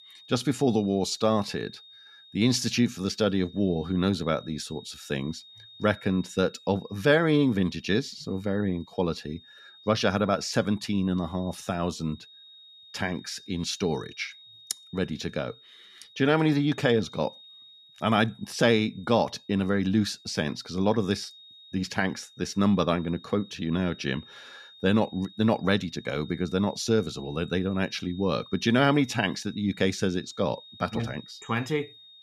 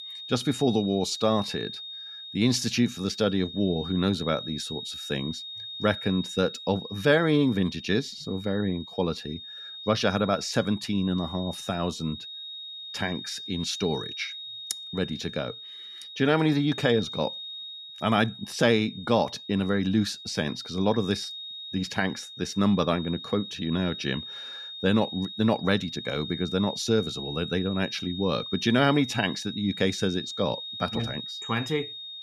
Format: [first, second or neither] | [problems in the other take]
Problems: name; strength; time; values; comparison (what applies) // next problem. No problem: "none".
first | high-pitched whine; loud; throughout; 3.5 kHz, 10 dB below the speech; faint in the first